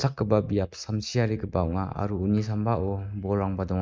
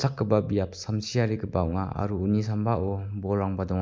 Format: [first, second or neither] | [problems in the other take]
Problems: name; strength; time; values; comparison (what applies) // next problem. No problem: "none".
second | noise reduction (neural mask model RNNoise)